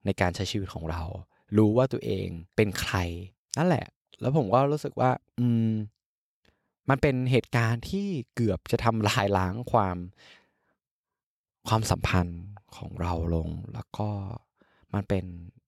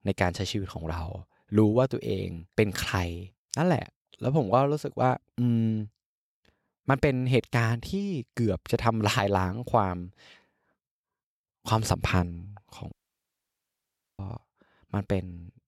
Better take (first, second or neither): first